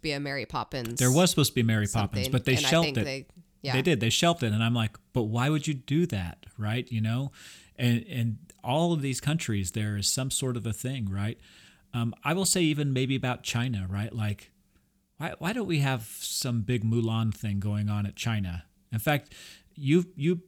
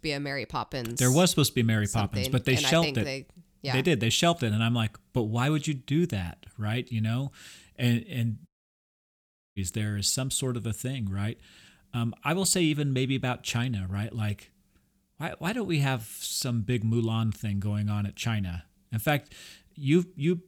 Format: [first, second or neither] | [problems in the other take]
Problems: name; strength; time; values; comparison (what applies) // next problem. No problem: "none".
first | audio cutting out; at 8.5 s for 1 s